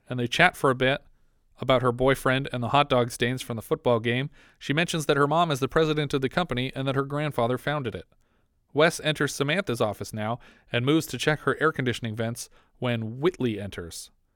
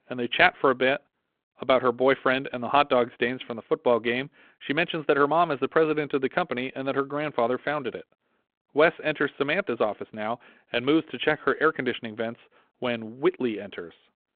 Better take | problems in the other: first | phone-call audio; nothing above 3.5 kHz

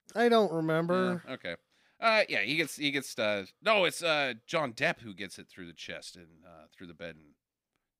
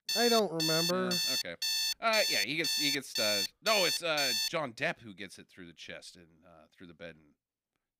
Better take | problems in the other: first | alarm; loud; until 4.5 s; peak 3 dB above the speech

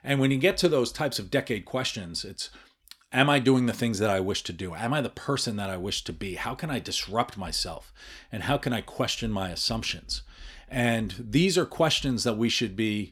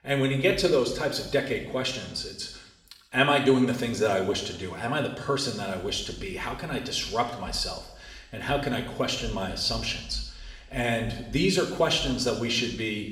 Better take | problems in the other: first | room echo; slight; dies away in 0.9 s // off-mic speech; somewhat distant

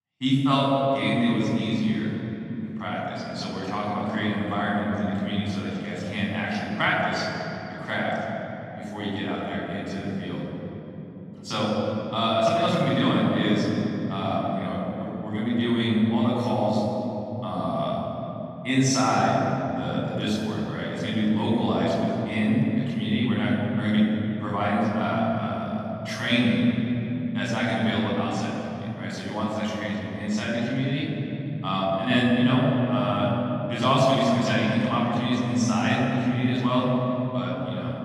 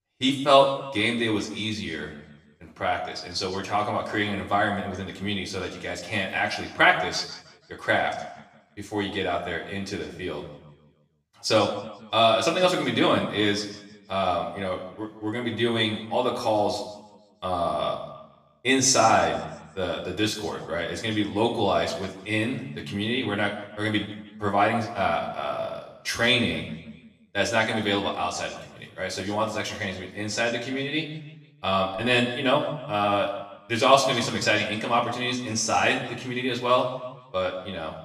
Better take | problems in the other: second | room echo; strong; dies away in 3 s; slight in the second // off-mic speech; far; far in the second

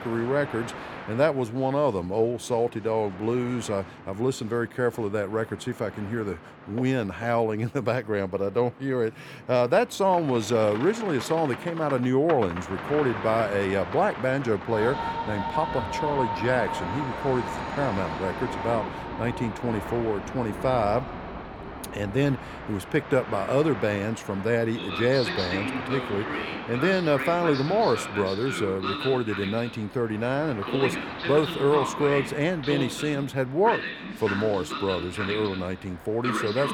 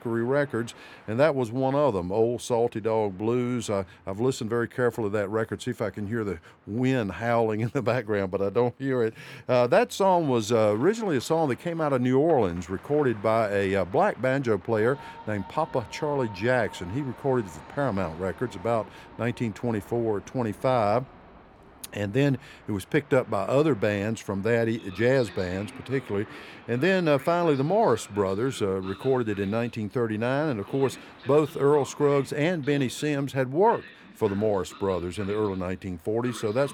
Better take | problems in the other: second | train or aircraft noise; loud; throughout; 7 dB below the speech; faint in the second

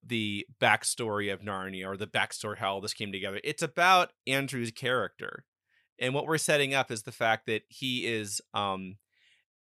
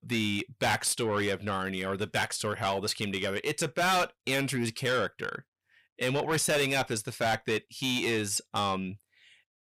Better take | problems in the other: first | distortion; heavy; 6 dB below the speech

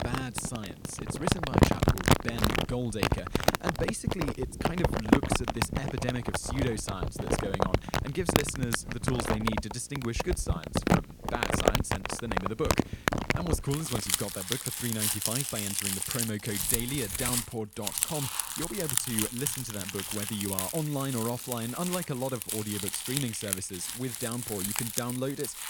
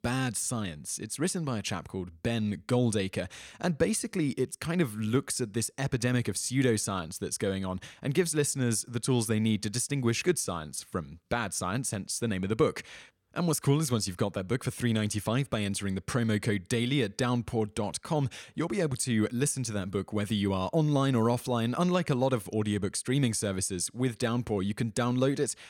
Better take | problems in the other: second | household noises; very loud; throughout; 4 dB above the speech

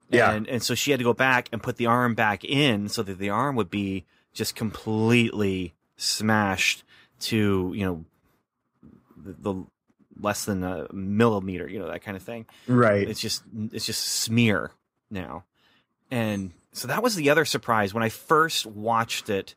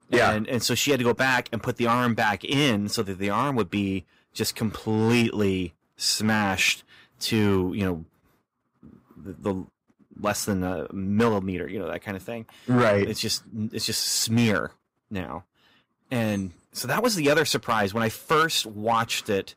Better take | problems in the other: first | distortion; slight; 3% of the sound clipped

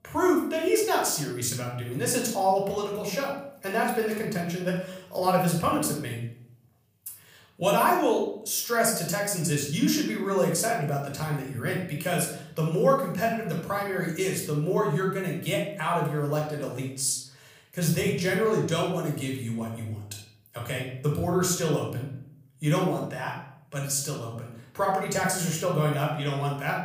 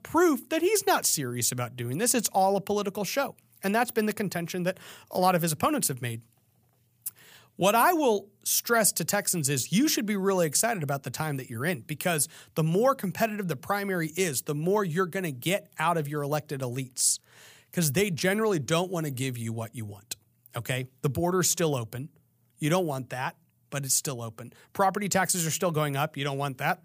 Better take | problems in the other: second | off-mic speech; somewhat distant // room echo; noticeable; dies away in 0.6 s

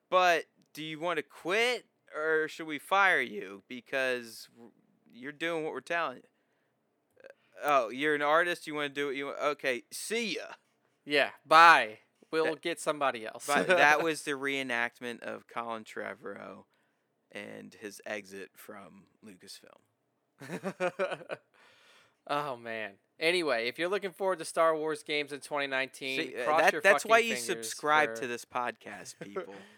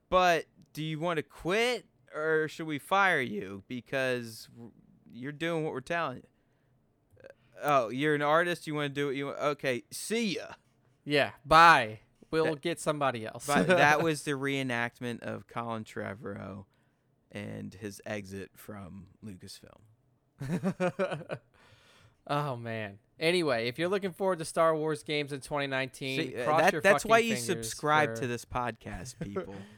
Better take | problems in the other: second | thin; very slightly; fading below 300 Hz

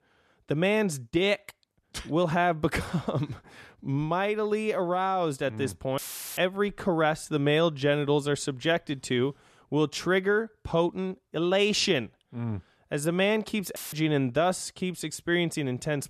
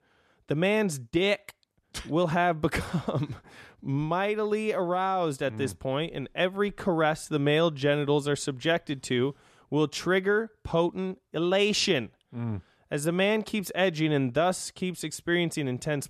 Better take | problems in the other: second | audio cutting out; filled with static; at 6 s and at 14 s

